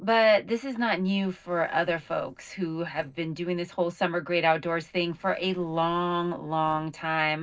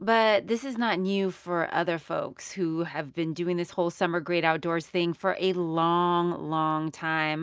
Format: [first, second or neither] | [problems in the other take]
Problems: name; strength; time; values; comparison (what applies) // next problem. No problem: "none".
second | noise reduction (neural separator model SepFormer DNS4)